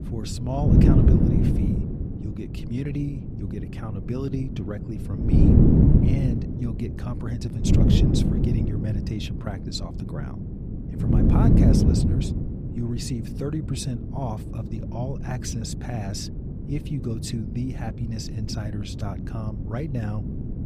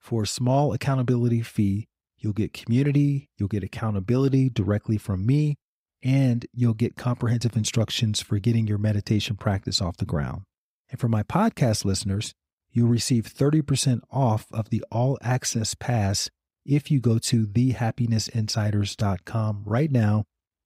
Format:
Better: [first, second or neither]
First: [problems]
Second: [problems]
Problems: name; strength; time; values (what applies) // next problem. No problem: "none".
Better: second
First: wind noise on the microphone; heavy; 3 dB above the speech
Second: none